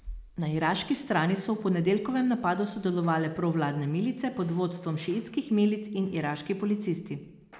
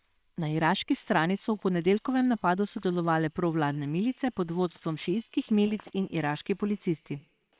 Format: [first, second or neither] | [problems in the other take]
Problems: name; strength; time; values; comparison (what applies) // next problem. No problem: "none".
first | noise reduction (neural separator model SepFormer WHAM!)